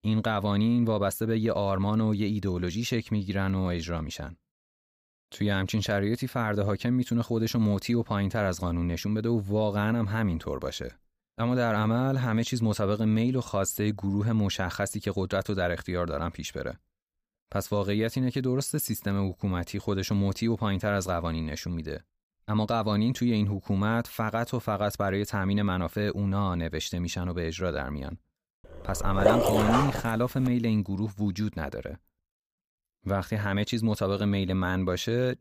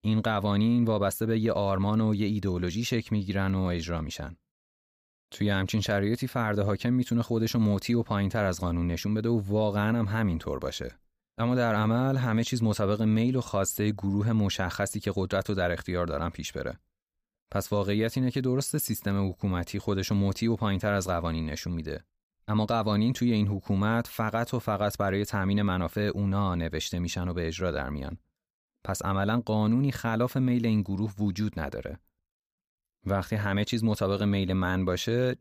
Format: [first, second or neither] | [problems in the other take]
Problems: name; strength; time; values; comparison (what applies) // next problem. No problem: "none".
second | dog barking; loud; from 29 to 30 s; peak 5 dB above the speech